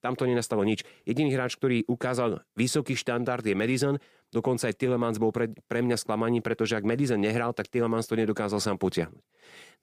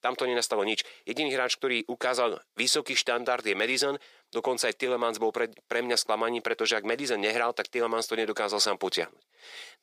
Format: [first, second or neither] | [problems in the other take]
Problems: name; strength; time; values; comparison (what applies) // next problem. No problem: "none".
first | thin; very; fading below 550 Hz